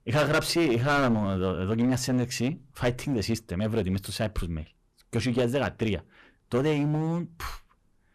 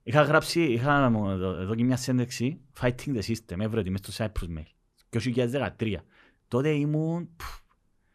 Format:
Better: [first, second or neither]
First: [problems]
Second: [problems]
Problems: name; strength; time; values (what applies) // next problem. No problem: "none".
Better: second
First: distortion; heavy; 10% of the sound clipped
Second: none